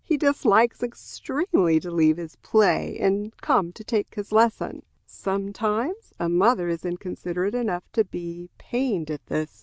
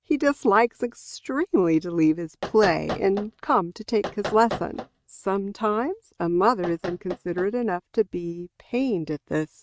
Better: first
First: none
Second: noise reduction (neural mask model RNNoise)

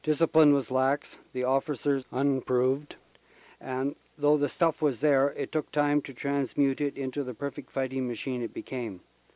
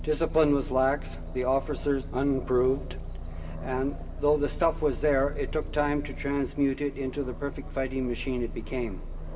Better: first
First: none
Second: background sound (Aircraft); 7 dB below the speech // room echo; dies away in 1.5 s

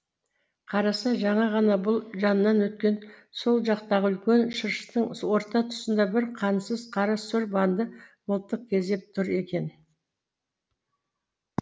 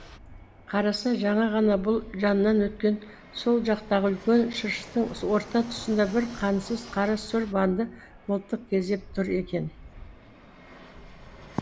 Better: first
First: none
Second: background sound (Fixed-wing aircraft, airplane); 18 dB below the speech

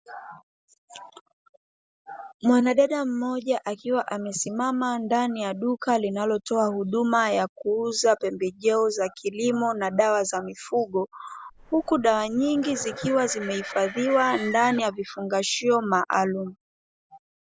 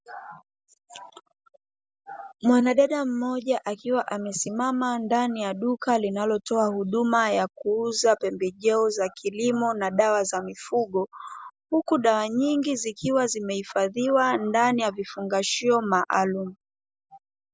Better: second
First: background sound (Livestock, farm animals, working animals); 13 dB below the speech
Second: none

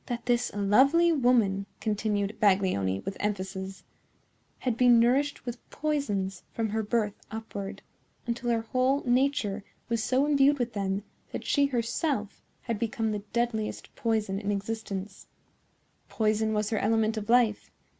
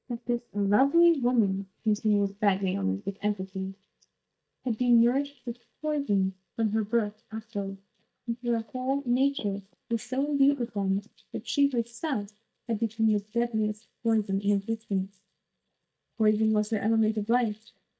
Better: first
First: none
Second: noise reduction (neural mask model DeepFilterNet 3)

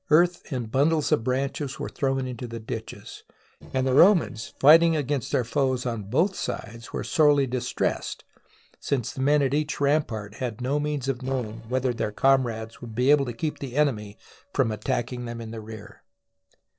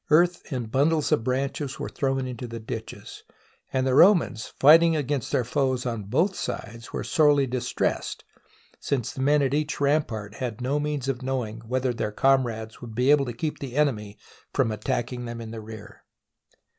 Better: second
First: noise reduction (neural separator model SepFormer DNS4)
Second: none

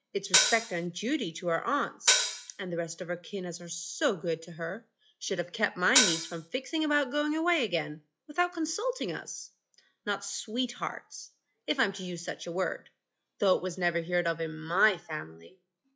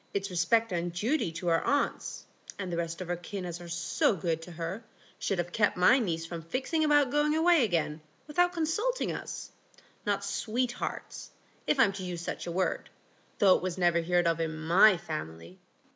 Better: second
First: noise reduction (classical method log-MMSE)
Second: none

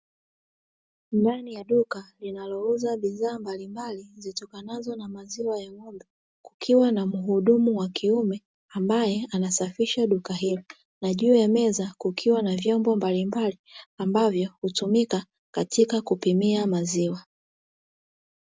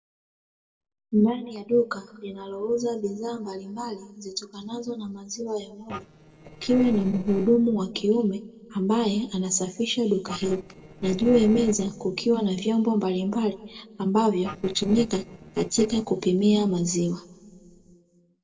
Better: first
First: none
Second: noise reduction (neural separator model SepFormer DNS4)

